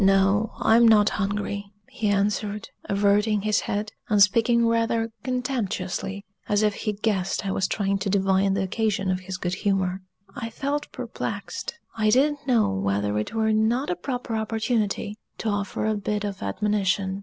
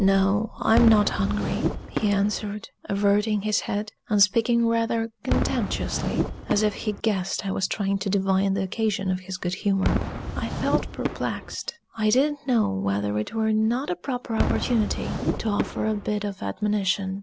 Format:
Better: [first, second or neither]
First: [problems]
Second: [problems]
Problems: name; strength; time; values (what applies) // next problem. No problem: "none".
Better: first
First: none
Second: background sound (Whoosh, swoosh, swish / Fireworks); 7 dB below the speech